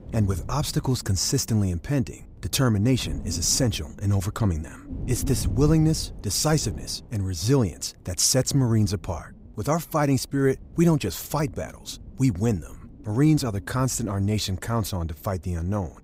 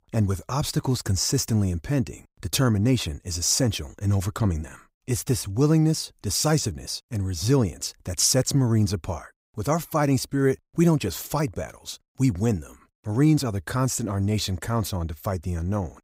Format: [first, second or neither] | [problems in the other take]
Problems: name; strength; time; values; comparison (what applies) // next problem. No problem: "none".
second | wind noise on the microphone; occasional gusts; 20 dB below the speech